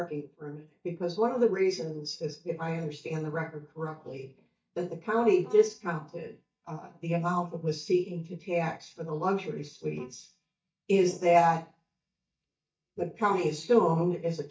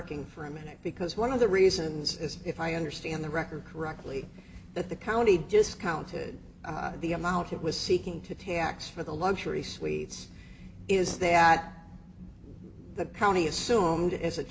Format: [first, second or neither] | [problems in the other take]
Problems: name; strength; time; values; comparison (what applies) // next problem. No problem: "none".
second | noise reduction (neural mask model DeepFilterNet 3)